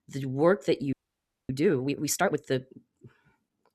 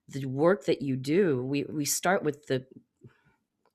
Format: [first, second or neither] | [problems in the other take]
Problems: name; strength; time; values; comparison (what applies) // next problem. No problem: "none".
second | audio freezing; at 1 s for 0.5 s